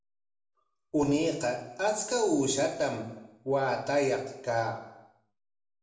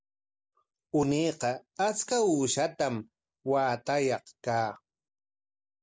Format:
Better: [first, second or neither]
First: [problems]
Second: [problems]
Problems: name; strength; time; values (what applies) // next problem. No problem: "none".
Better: second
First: room echo; dies away in 0.8 s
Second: none